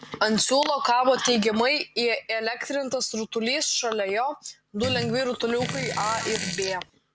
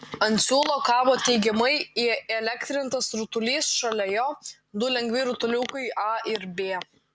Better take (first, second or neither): second